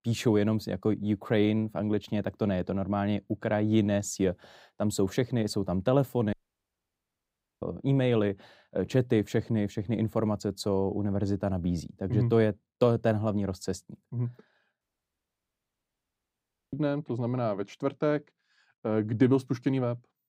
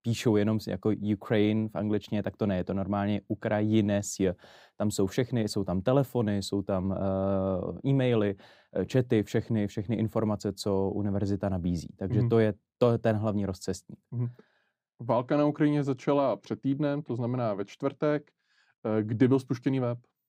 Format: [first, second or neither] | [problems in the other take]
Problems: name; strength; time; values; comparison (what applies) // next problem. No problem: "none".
second | audio cutting out; at 6.5 s for 1.5 s and at 15 s for 2 s